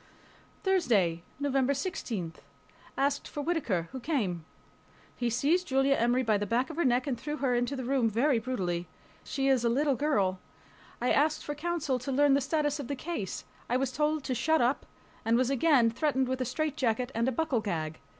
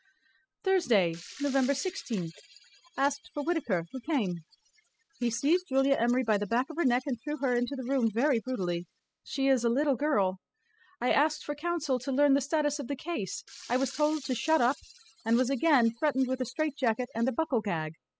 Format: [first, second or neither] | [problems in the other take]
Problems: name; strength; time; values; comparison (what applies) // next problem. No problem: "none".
first | noise reduction (classical method spectral subtraction)